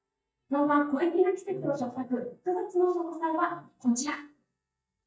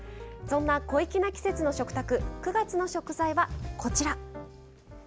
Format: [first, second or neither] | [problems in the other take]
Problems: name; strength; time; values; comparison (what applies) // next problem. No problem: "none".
second | noise reduction (neural mask model DeepFilterNet 3)